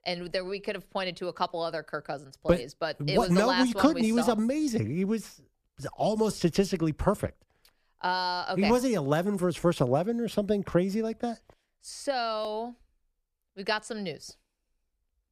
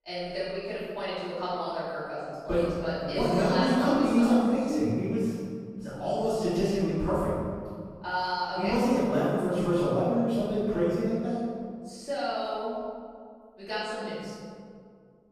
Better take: first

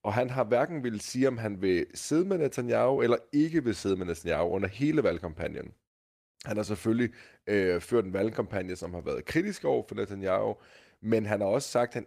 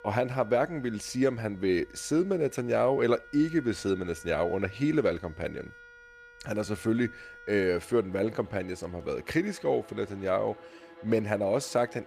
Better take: first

